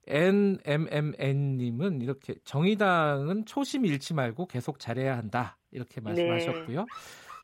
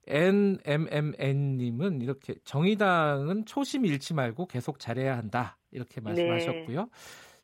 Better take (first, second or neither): second